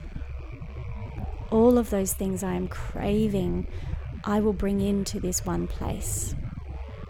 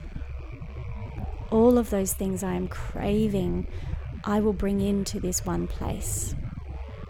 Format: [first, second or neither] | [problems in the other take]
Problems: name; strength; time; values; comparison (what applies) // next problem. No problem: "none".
neither | low rumble; noticeable; throughout; 15 dB below the speech; the same in both